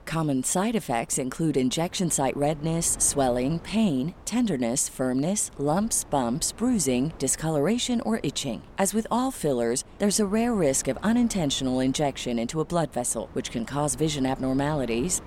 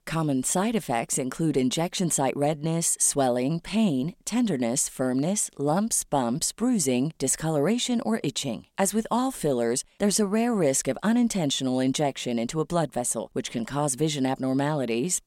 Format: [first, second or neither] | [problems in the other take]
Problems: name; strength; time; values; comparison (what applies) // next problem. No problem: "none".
second | wind noise on the microphone; occasional gusts; 20 dB below the speech